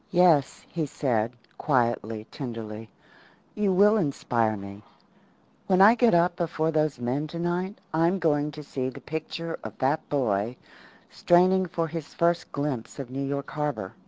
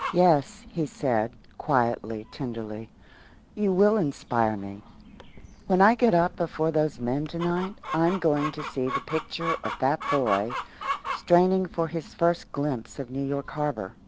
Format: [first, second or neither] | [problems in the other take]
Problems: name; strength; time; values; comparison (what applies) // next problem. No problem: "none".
first | background sound (Chicken, rooster); 12 dB below the speech